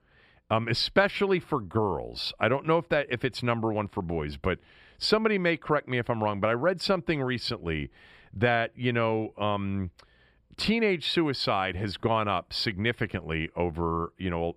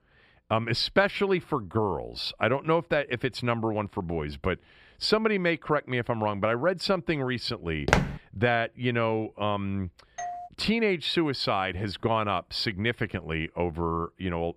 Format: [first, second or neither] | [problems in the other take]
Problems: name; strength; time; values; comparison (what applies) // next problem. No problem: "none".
first | footsteps; loud; at 8 s; peak 2 dB above the speech // doorbell; noticeable; at 10 s; peak 9 dB below the speech